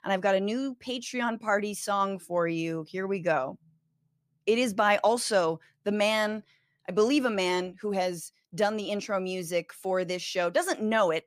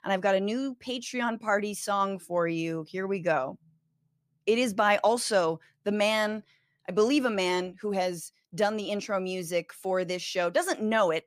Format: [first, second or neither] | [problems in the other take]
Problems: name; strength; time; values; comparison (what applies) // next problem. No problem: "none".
neither | none